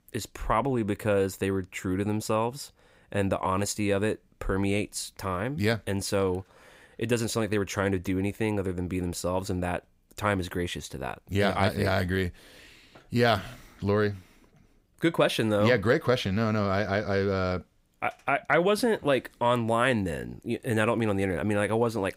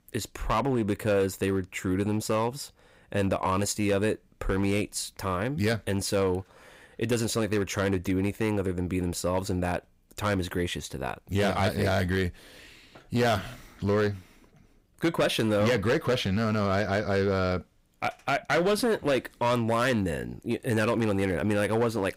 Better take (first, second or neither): first